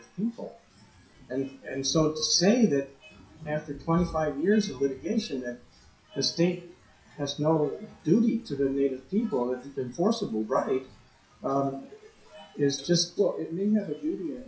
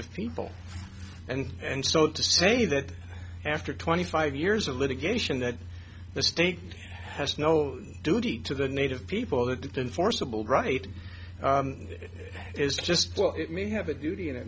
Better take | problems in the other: second | noise reduction (classical method WPE with log-MMSE)

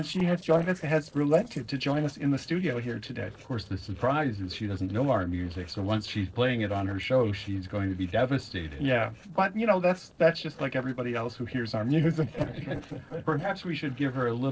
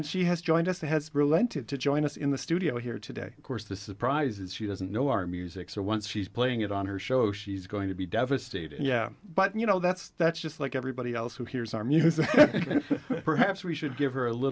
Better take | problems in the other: second | noise reduction (neural separator model SepFormer DNS4)

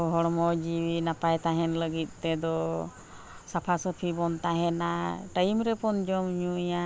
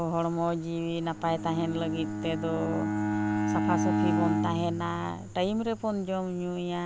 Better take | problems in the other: first | background sound (Bowed string instrument); 1 dB below the speech

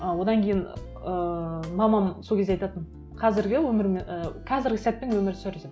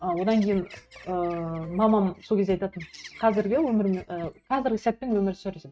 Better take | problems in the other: first | noise reduction (neural mask model RNNoise)

